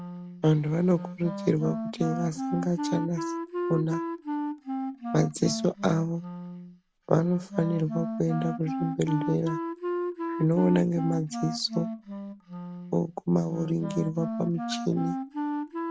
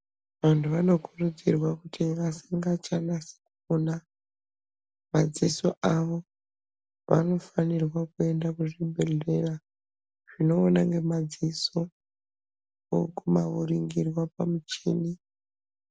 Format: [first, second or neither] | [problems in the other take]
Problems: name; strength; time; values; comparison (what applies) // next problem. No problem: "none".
second | background sound (Wind instrument, woodwind instrument); 5 dB below the speech